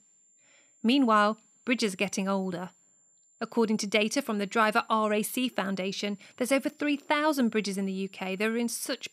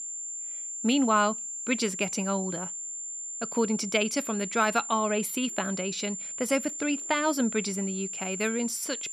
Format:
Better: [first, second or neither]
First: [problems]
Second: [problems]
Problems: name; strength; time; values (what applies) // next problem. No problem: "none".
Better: first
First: high-pitched whine; faint; throughout; 7.5 kHz, 35 dB below the speech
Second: high-pitched whine; loud; throughout; 7.5 kHz, 5 dB below the speech